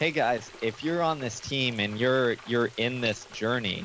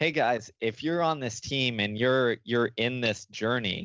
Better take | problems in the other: second | background sound (Frying (food) + Sink (filling or washing) / Water); 20 dB below the speech

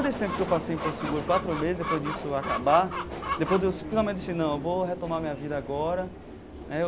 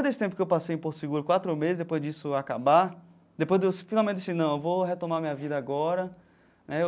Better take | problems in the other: second | background sound (Subway, metro, underground + Chicken, rooster); 6 dB below the speech

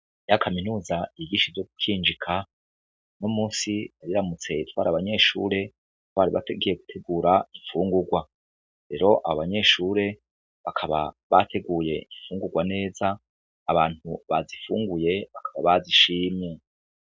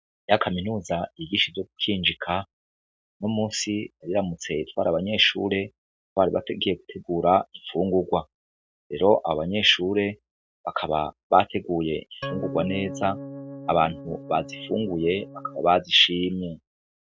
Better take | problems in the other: first | background sound (Organ); 11 dB below the speech

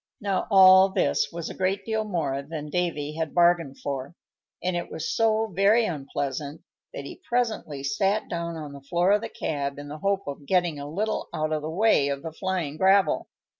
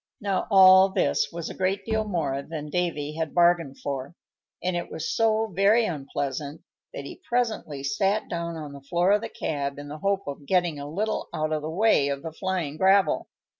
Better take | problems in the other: first | background sound (Bowed string instrument); 14 dB below the speech

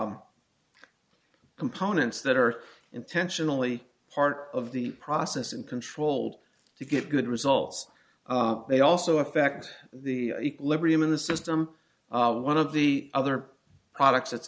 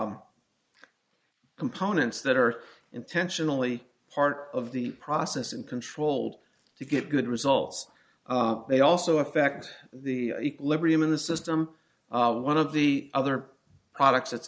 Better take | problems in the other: first | noise reduction (neural mask model Resemble Enhance denoiser)

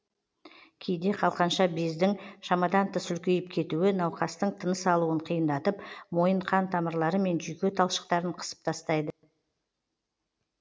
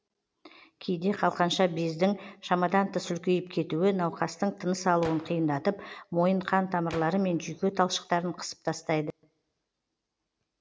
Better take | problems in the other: first | background sound (Gunshot, gunfire); 19 dB below the speech

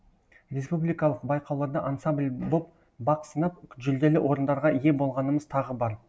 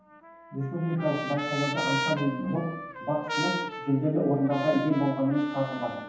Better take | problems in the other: first | background sound (Trumpet); 7 dB below the speech // room echo; dies away in 1.2 s

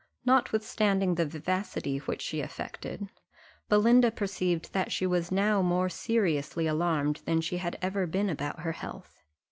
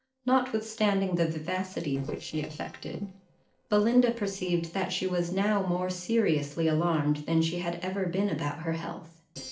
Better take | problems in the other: first | noise reduction (neural separator model SepFormer DNS4)

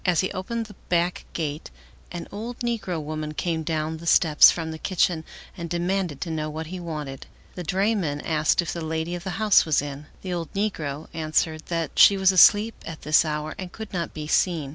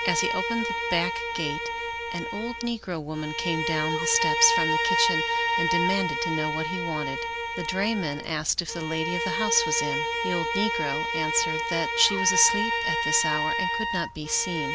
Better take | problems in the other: first | background sound (Bowed string instrument + Trumpet); 1 dB above the speech

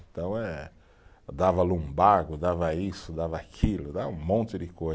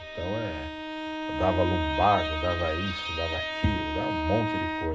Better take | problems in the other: first | background sound (Bowed string instrument); 2 dB below the speech // room echo; dies away in 0.2 s

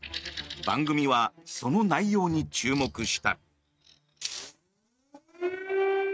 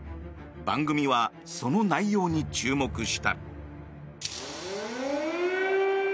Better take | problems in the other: second | noise reduction (neural mask model RNNoise)

